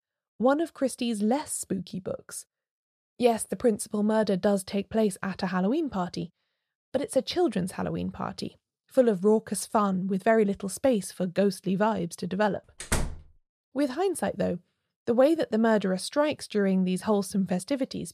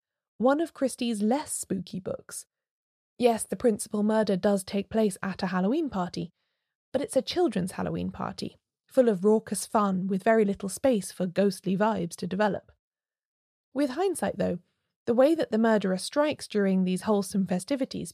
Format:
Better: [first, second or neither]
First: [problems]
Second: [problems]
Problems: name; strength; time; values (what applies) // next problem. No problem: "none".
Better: second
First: door banging; noticeable; at 13 s; peak 3 dB below the speech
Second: none